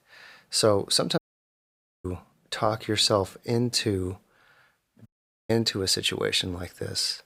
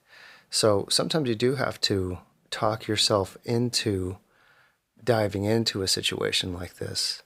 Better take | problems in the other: second | audio cutting out; at 1 s for 1 s and at 5 s

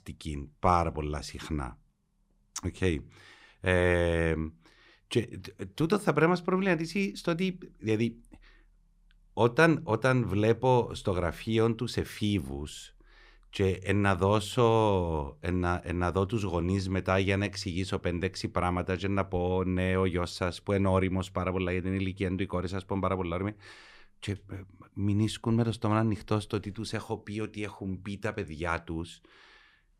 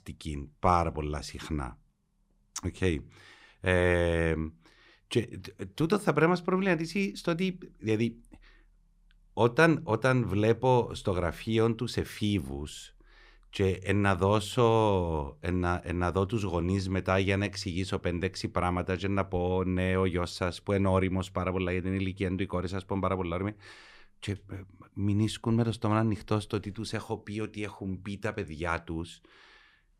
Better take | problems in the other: neither | none

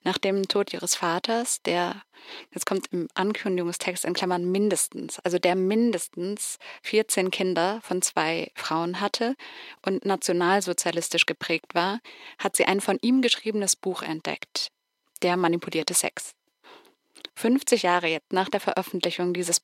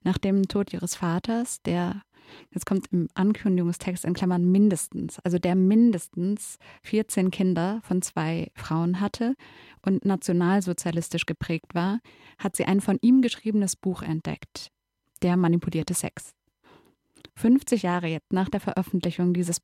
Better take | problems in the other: second | thin; somewhat; fading below 450 Hz

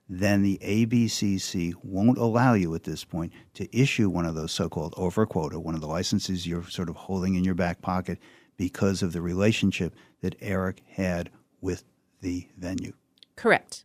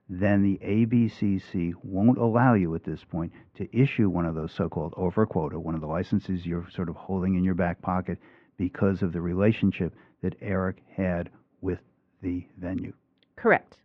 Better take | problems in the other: first | muffled; very; fading above 2 kHz

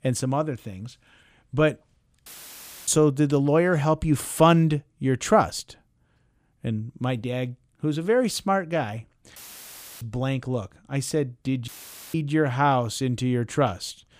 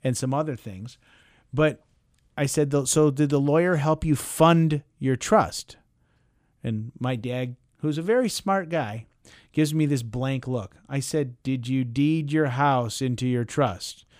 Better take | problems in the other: second | audio cutting out; filled with static; at 2.5 s for 0.5 s, at 9.5 s for 0.5 s and at 12 s

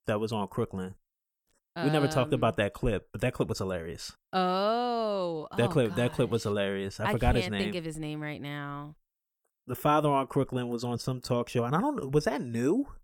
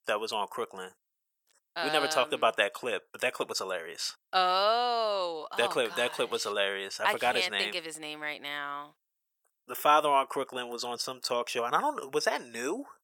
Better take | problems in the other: first | thin; very; fading below 650 Hz

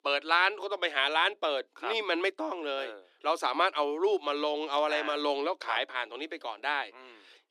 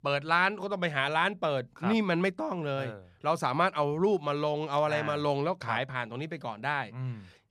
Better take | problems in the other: second | thin; somewhat; fading below 300 Hz

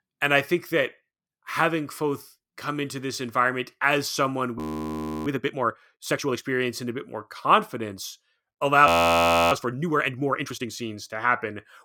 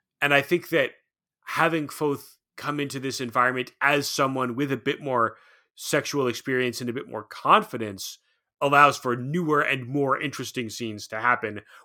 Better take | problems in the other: second | audio freezing; at 4.5 s for 0.5 s and at 9 s for 0.5 s

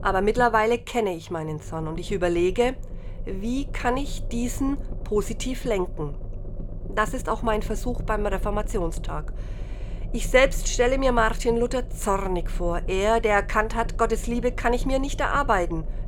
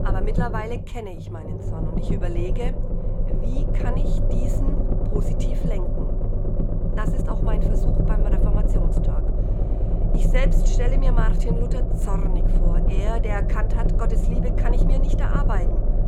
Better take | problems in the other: first | low rumble; loud; throughout; 1 dB below the speech; faint in the first

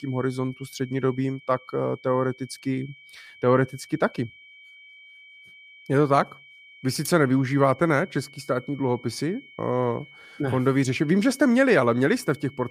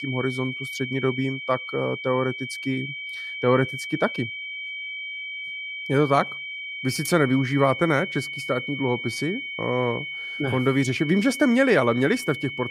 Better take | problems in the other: first | high-pitched whine; loud; throughout; 2.5 kHz, 7 dB below the speech; faint in the first

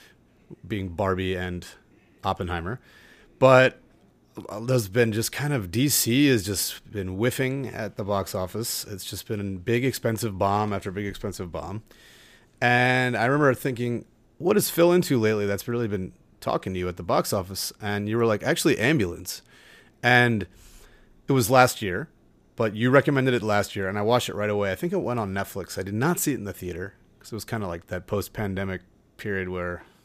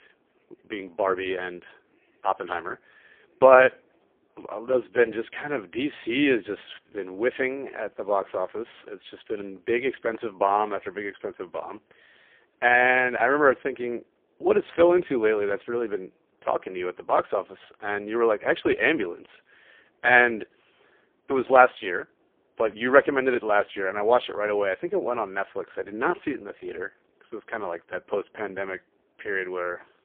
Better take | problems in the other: first | phone-call audio; poor line; nothing above 3.5 kHz

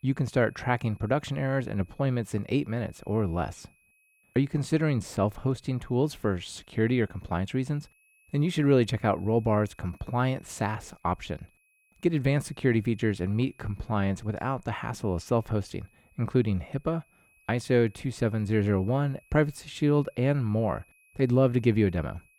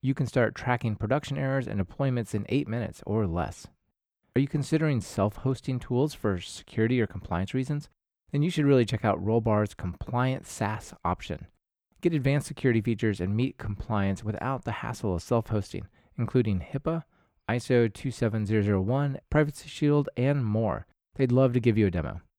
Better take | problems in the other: second | high-pitched whine; faint; throughout; 2.5 kHz, 35 dB below the speech

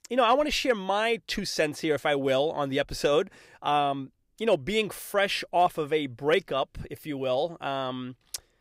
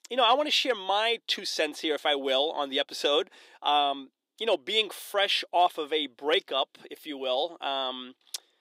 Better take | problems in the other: first | thin; very slightly; fading below 300 Hz

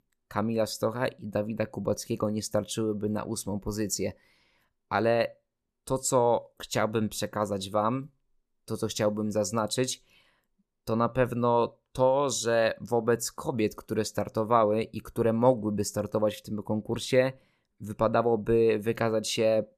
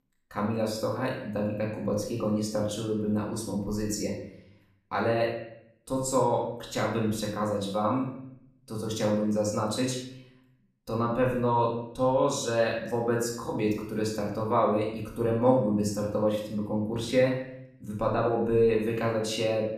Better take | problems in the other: first | off-mic speech; far // room echo; noticeable; dies away in 0.7 s

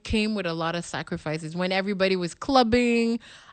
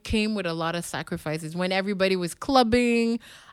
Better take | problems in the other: second | garbled, watery; slightly; nothing above 8.5 kHz

